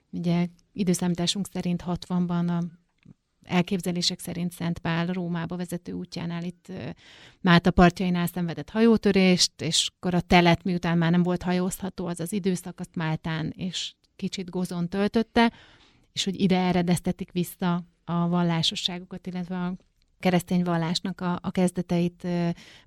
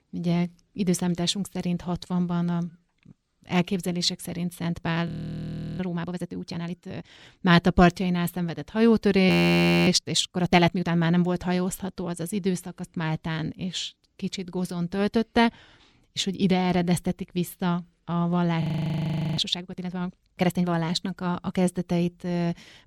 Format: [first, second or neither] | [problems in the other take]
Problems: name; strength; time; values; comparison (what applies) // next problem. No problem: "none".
first | audio freezing; at 5 s for 0.5 s, at 9.5 s for 0.5 s and at 19 s for 1 s